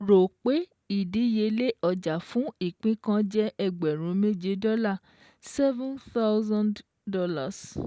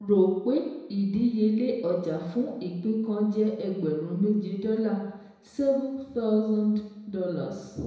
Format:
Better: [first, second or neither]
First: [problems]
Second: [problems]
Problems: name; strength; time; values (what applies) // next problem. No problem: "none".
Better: first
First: none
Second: room echo; dies away in 1 s